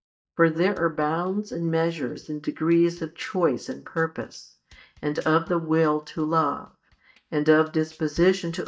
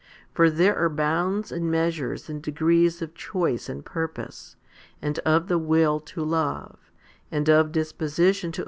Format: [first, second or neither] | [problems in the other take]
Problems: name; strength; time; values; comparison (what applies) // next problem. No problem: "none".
second | noise reduction (neural mask model DeepFilterNet 3)